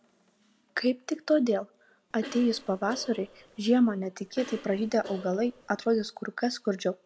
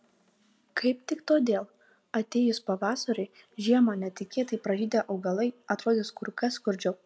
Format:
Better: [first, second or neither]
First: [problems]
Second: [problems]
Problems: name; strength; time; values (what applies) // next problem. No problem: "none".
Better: second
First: background sound (Cough); 17 dB below the speech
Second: none